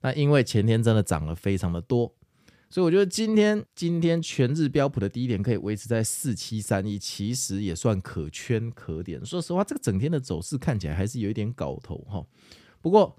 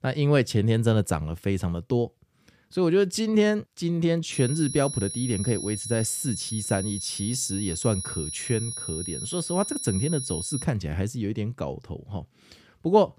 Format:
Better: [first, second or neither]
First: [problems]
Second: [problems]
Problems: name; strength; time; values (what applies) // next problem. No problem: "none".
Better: first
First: none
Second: high-pitched whine; loud; from 4.5 to 11 s; 10.5 kHz, 5 dB below the speech